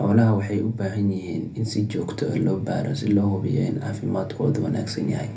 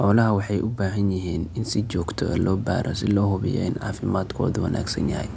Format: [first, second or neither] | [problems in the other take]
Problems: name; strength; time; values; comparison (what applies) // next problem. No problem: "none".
second | room echo; dies away in 0.3 s